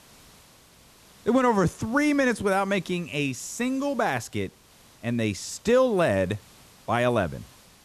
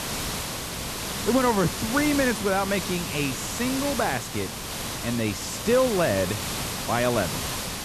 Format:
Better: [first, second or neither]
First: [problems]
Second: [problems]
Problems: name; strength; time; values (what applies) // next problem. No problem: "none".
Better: first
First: hiss; faint; throughout; 25 dB below the speech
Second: hiss; loud; throughout; 4 dB below the speech